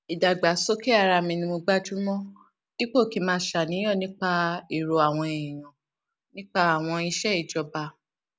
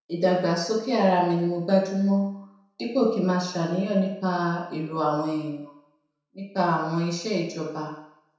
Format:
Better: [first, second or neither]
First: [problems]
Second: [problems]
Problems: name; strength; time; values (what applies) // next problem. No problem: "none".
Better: first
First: none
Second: room echo; dies away in 0.7 s